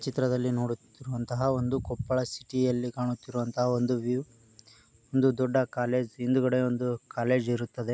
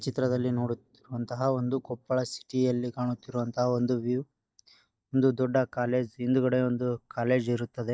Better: first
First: none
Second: noise reduction (neural mask model DeepFilterNet 3)

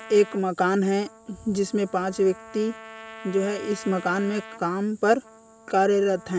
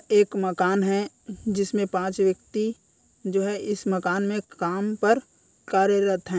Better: second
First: background sound (Trumpet); 20 dB below the speech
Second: none

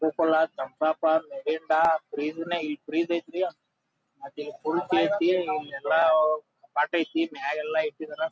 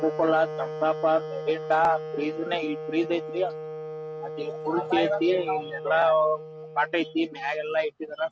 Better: first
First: none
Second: background sound (Wind instrument, woodwind instrument); 10 dB below the speech

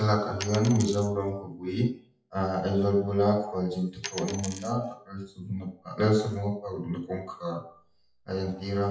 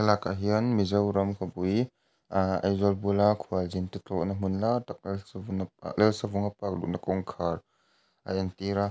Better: second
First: noise reduction (classical method WPE with log-MMSE)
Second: none

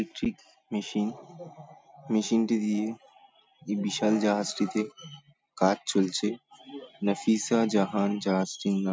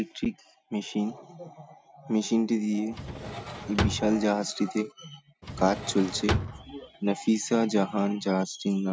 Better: first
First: none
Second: background sound (Drawer open or close); 5 dB below the speech

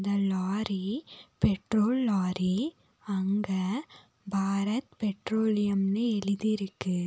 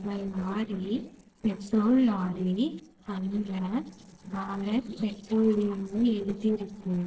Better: first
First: none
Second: noise reduction (neural separator model SepFormer DNS4)

